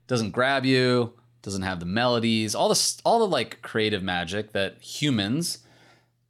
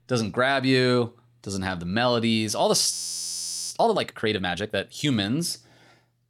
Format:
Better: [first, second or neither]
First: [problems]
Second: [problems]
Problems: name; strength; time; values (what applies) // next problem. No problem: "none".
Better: first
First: none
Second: audio freezing; at 3 s for 1 s